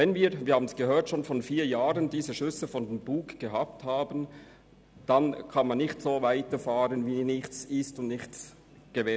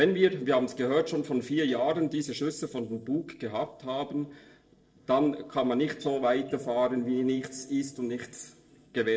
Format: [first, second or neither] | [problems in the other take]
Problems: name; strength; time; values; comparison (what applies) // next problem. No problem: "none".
first | noise reduction (neural separator model SepFormer DNS4)